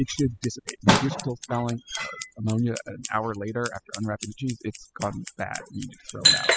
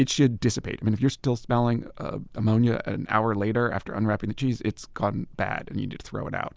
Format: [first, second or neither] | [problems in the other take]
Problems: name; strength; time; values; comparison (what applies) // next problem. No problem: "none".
second | noise reduction (classical method spectral subtraction)